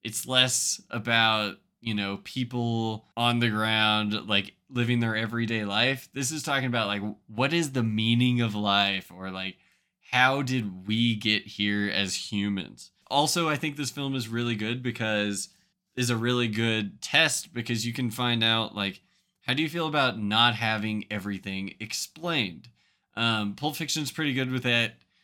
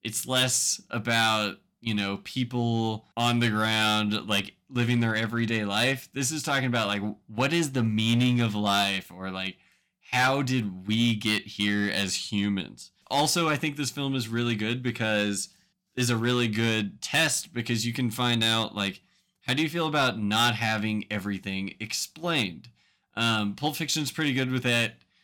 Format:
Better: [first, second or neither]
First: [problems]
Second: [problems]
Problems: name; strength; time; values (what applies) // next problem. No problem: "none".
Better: first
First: none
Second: distortion; slight; 3% of the sound clipped